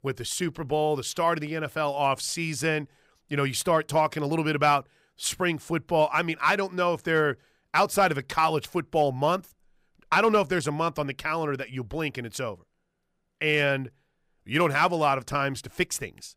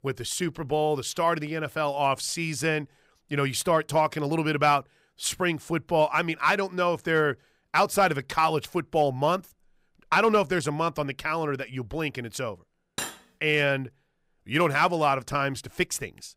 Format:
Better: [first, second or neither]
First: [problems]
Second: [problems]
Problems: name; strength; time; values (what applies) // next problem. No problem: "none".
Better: first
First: none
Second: clattering dishes; noticeable; at 13 s; peak 8 dB below the speech